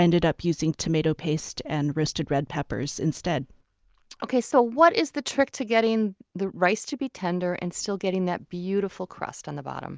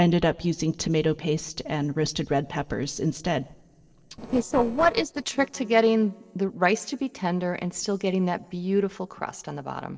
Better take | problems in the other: first | noise reduction (neural separator model SepFormer DNS4)

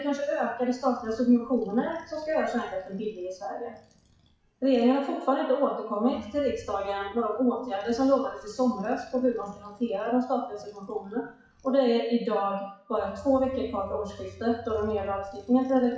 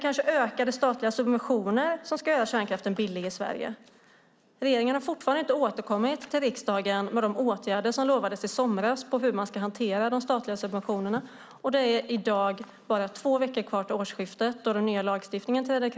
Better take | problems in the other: second | noise reduction (classical method WPE with log-MMSE)

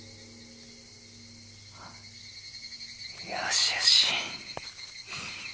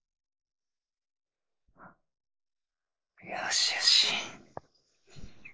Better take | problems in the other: first | noise reduction (neural mask model Resemble Enhance denoiser)

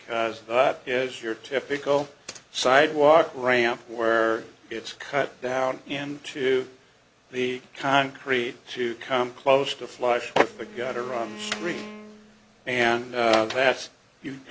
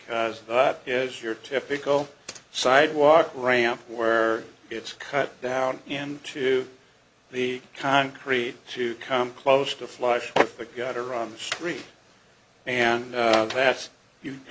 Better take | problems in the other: second | background sound (Bowed string instrument); 17 dB below the speech

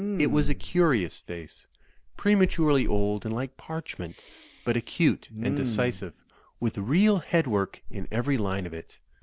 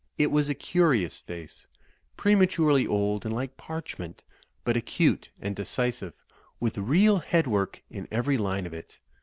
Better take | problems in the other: second | background sound (Respiratory sounds); 5 dB below the speech

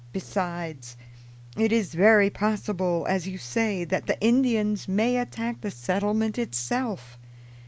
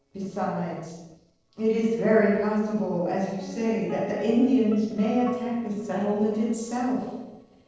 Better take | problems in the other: first | noise reduction (neural separator model SepFormer DNS4)

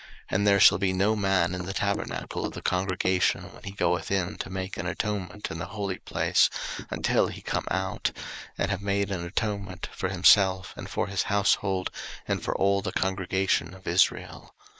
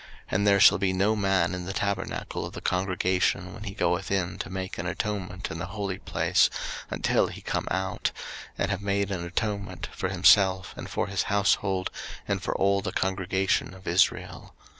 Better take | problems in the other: second | noise reduction (neural mask model Resemble Enhance denoiser)

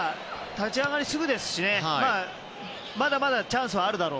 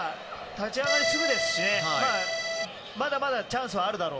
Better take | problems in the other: first | background sound (Accordion); 2 dB above the speech // room echo; dies away in 1.6 s

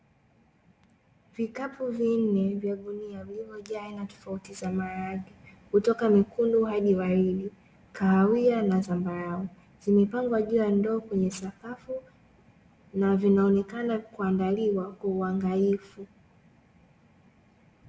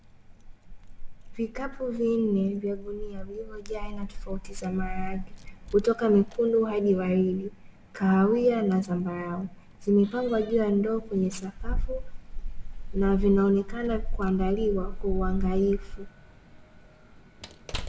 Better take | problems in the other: first | background sound (Keys jangling); 6 dB below the speech

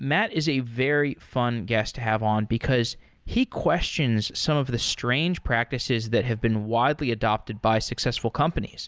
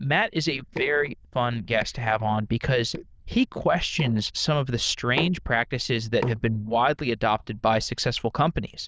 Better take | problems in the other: first | noise reduction (neural diffusion model UNIVERSE++)

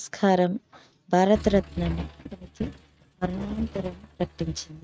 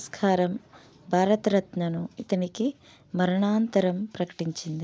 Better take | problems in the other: second | noise reduction (neural mask model RNNoise)

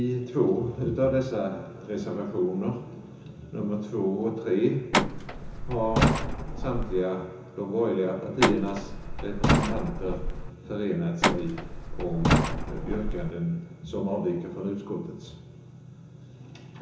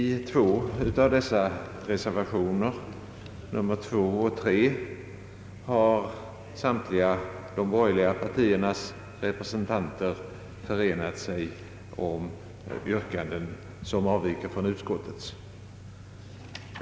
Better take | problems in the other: second | background sound (Truck); 3 dB above the speech // room echo; dies away in 0.7 s

